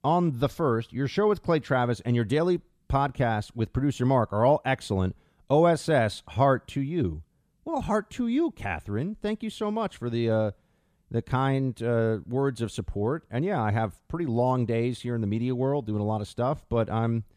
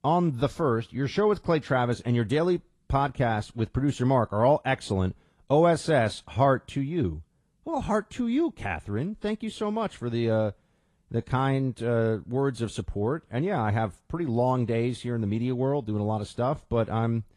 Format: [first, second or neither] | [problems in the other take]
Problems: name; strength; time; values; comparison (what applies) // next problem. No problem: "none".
first | garbled, watery; slightly